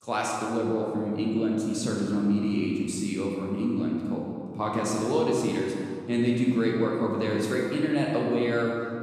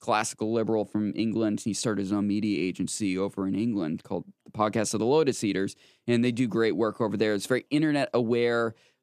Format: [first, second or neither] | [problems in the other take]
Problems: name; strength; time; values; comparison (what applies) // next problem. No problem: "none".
second | room echo; noticeable; dies away in 1.8 s // off-mic speech; far